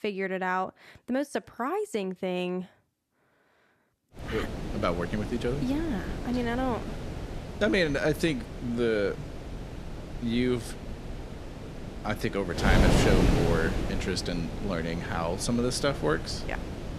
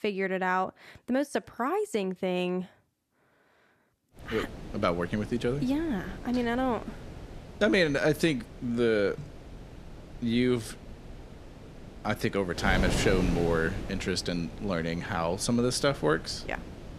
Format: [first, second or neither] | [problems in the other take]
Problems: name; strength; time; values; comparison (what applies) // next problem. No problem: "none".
second | wind noise on the microphone; heavy; from 4 s on; 6 dB below the speech; occasional gusts in the second